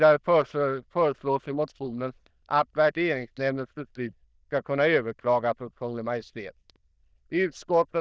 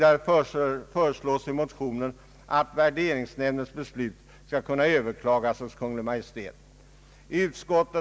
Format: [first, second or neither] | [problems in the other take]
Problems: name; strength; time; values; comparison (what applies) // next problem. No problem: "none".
second | noise reduction (neural diffusion model UNIVERSE++)